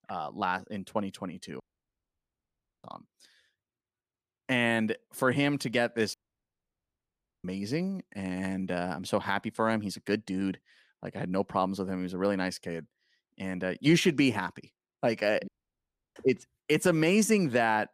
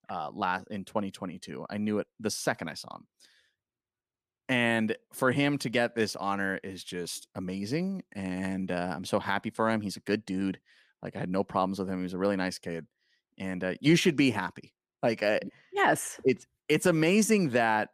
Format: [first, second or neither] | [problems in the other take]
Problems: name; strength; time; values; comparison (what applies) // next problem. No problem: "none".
second | audio cutting out; at 1.5 s for 1 s, at 6 s for 1.5 s and at 15 s for 0.5 s